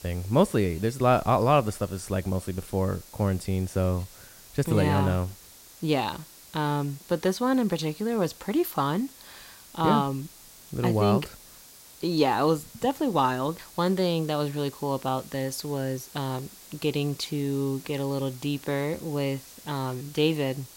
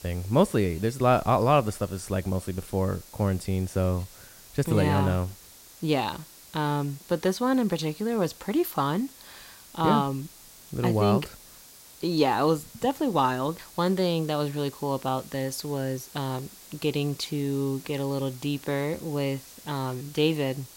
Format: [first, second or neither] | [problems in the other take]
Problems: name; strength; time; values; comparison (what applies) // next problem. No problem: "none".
neither | hiss; noticeable; throughout; 20 dB below the speech; the same in both